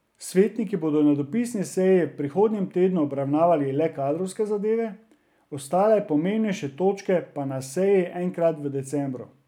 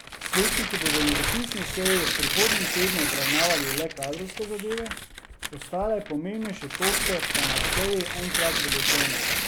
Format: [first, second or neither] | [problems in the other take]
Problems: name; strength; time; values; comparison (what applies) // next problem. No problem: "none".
first | background sound (Tearing); 3 dB above the speech